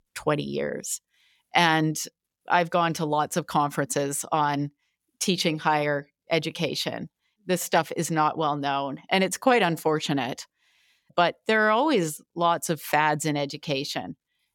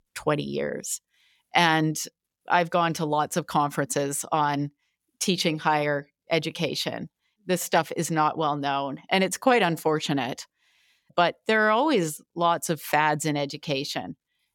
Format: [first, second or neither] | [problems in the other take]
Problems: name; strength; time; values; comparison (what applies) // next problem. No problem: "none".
neither | none